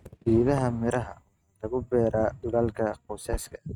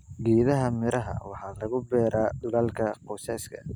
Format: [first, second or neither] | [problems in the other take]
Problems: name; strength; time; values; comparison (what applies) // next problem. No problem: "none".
second | noise reduction (neural mask model RNNoise)